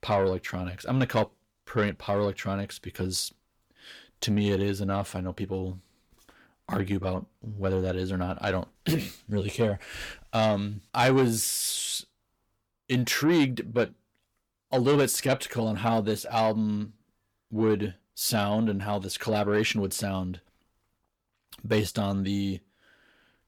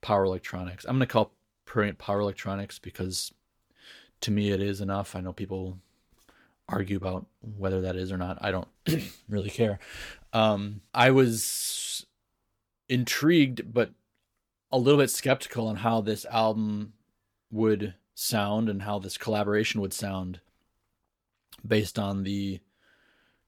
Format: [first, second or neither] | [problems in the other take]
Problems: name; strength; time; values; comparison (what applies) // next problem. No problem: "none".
second | distortion; slight; 10 dB below the speech